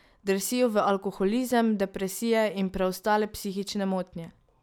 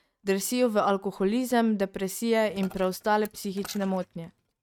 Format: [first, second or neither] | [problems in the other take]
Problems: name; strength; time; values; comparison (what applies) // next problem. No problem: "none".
first | noise reduction (neural mask model RNNoise)